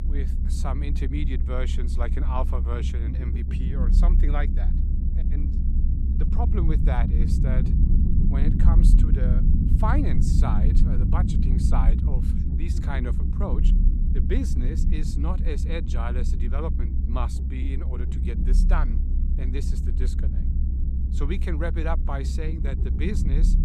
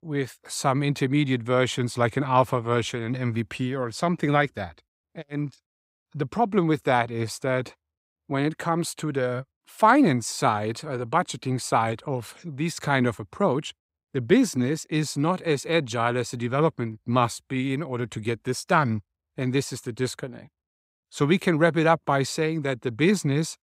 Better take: second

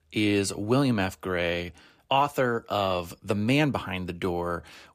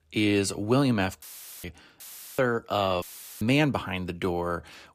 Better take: first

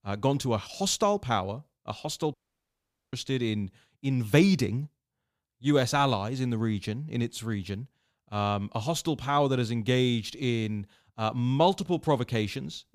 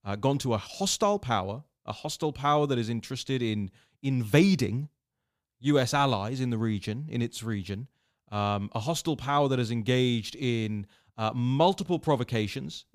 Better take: second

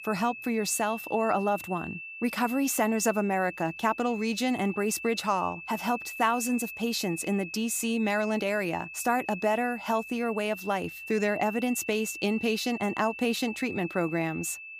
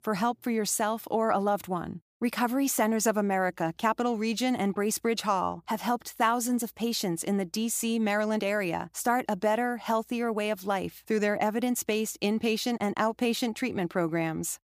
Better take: second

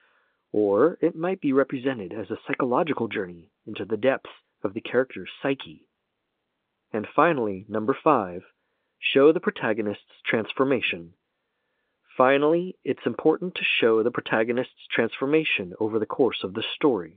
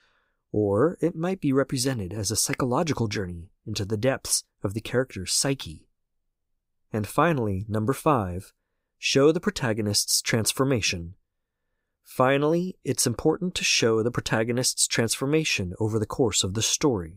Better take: second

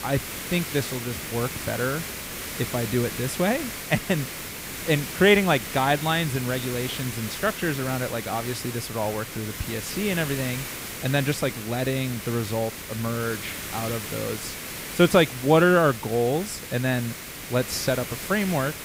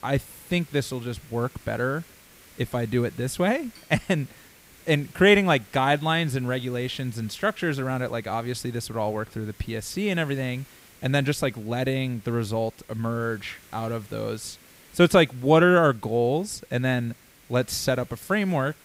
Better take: second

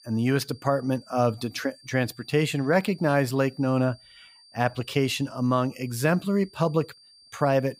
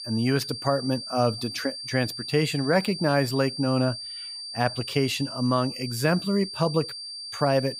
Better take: first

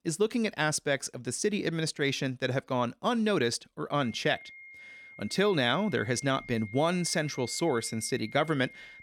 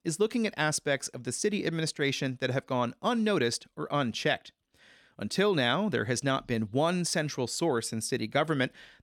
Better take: second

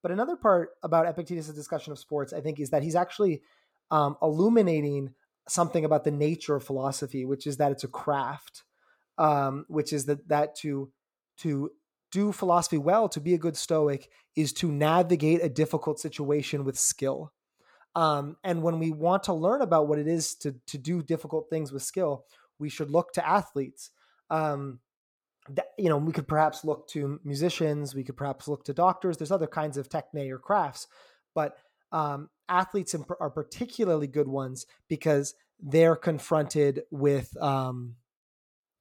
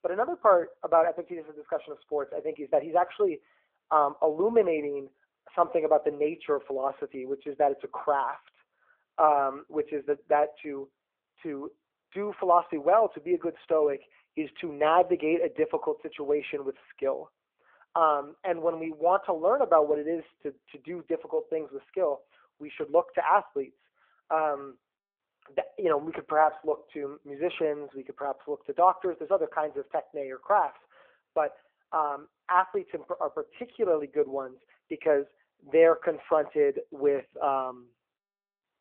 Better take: first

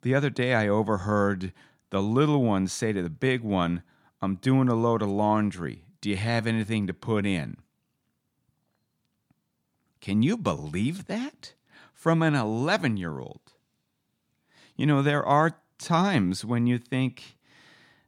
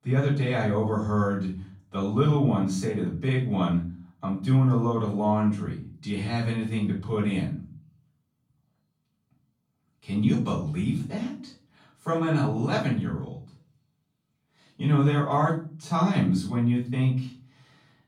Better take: first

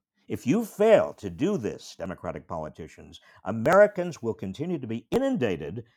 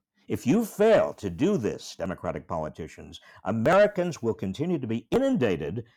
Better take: first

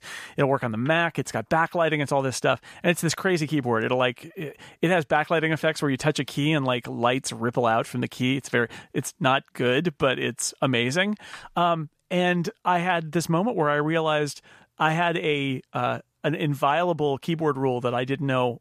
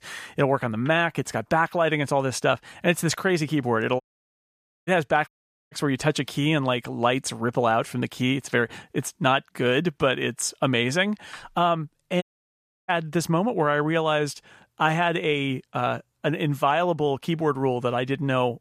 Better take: first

